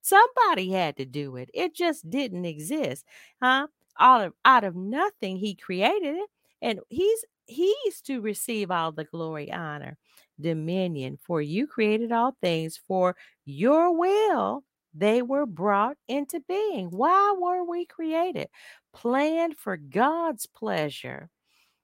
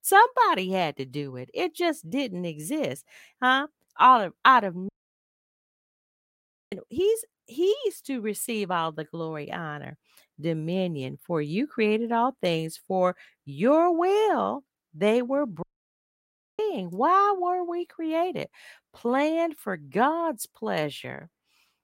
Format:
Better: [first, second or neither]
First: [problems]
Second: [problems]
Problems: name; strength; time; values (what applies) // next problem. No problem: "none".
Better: first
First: none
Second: audio cutting out; at 5 s for 2 s and at 16 s for 1 s